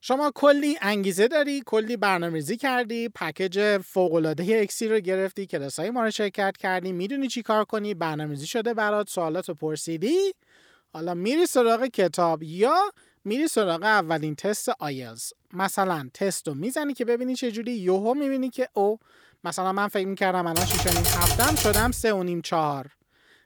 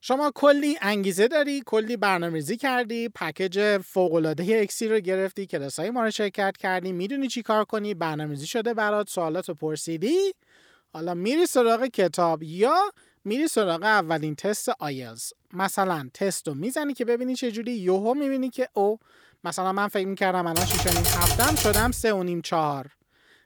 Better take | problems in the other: neither | keyboard typing; loud; from 21 to 22 s; peak 5 dB above the speech; the same in both

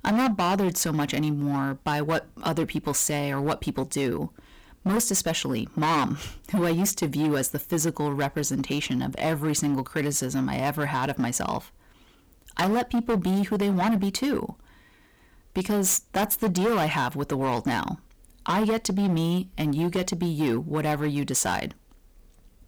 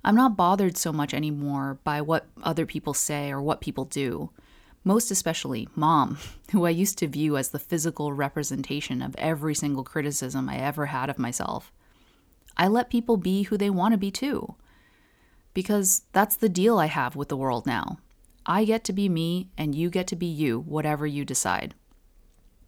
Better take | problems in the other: second | distortion; heavy; 13% of the sound clipped

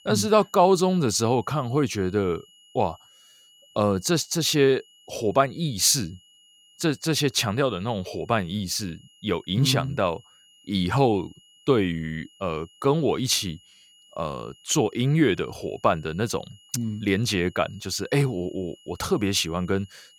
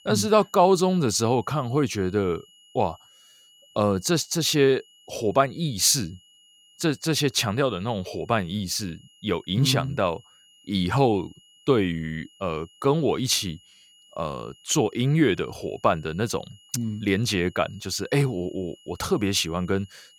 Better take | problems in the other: neither | high-pitched whine; faint; throughout; 3 kHz, 30 dB below the speech; the same in both

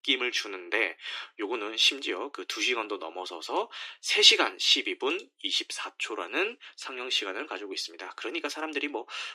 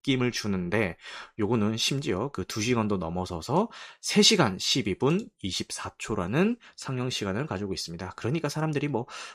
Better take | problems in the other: second | thin; somewhat; fading below 300 Hz

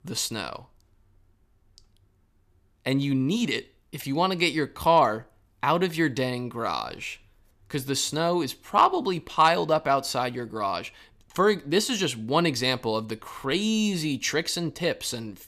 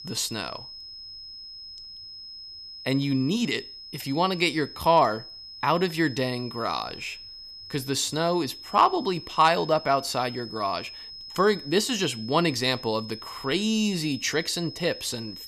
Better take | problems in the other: first | high-pitched whine; noticeable; throughout; 5 kHz, 15 dB below the speech

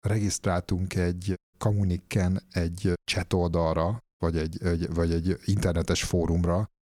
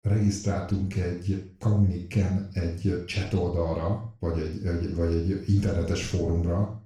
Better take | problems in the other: first | room echo; noticeable; dies away in 0.4 s // off-mic speech; far

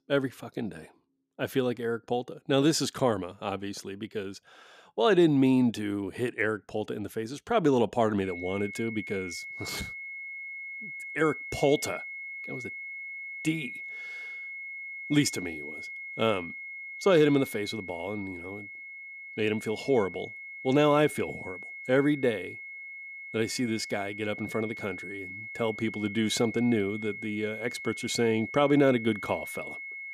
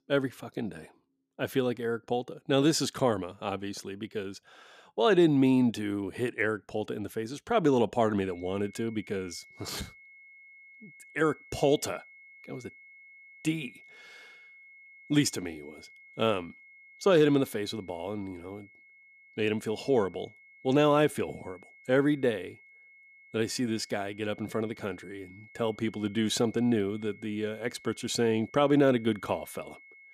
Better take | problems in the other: second | high-pitched whine; loud; from 8.5 s on; 2 kHz, 10 dB below the speech; faint in the second

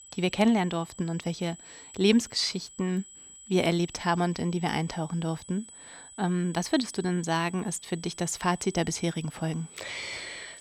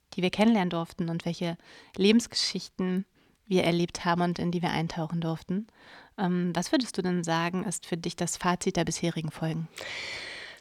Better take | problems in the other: second | high-pitched whine; noticeable; throughout; 8 kHz, 20 dB below the speech

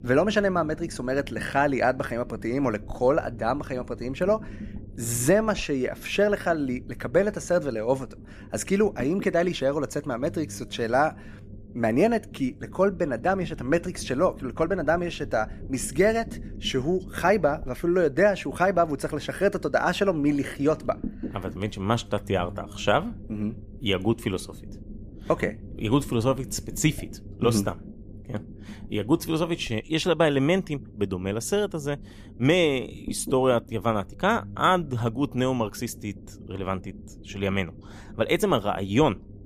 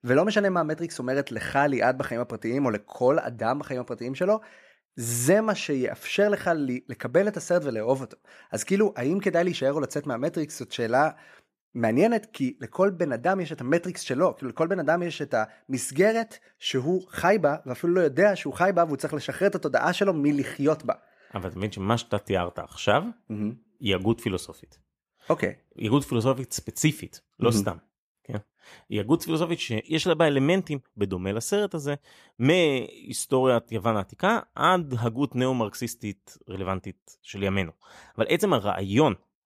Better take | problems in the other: second | low rumble; faint; throughout; 25 dB below the speech

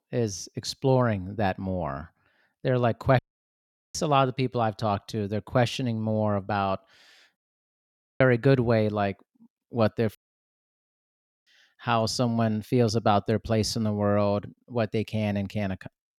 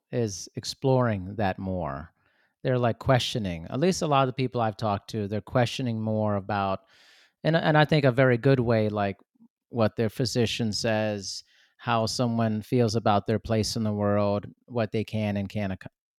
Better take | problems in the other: second | audio cutting out; at 3 s for 1 s, at 7.5 s for 1 s and at 10 s for 1.5 s

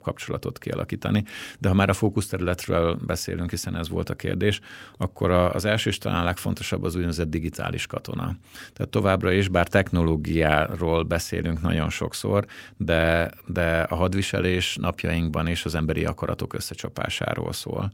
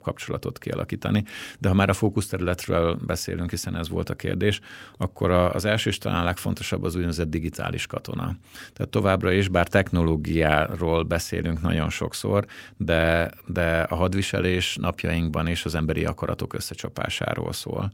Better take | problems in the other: neither | none

